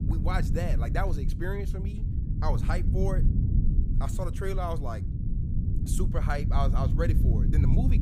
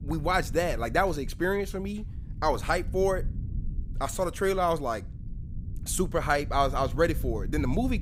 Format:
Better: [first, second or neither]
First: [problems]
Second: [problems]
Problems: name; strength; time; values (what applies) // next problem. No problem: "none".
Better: second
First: low rumble; loud; throughout; 6 dB below the speech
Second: low rumble; faint; throughout; 25 dB below the speech